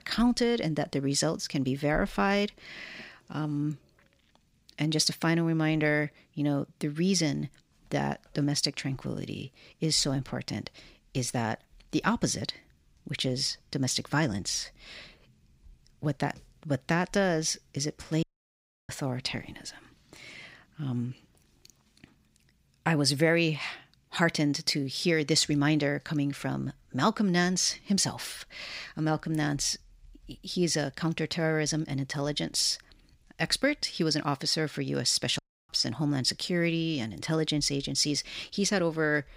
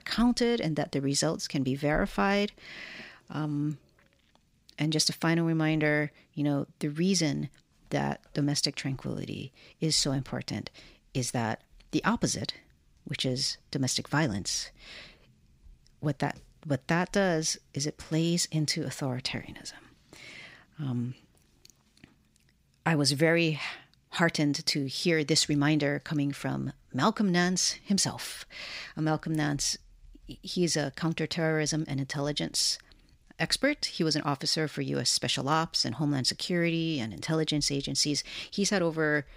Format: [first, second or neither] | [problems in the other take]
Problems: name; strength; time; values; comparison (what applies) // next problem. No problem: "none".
second | audio cutting out; at 18 s for 0.5 s and at 35 s